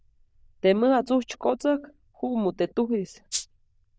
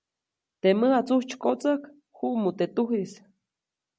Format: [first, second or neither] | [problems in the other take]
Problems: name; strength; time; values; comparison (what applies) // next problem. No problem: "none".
second | noise reduction (neural diffusion model UNIVERSE++)